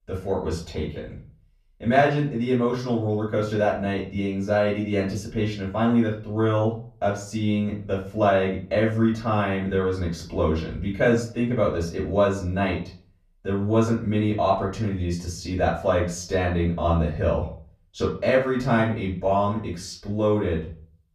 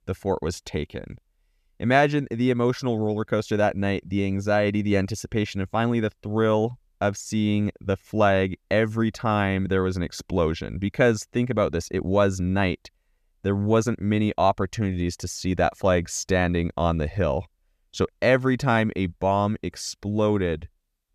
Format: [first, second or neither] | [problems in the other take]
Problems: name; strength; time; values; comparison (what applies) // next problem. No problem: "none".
second | off-mic speech; far // room echo; slight; dies away in 0.4 s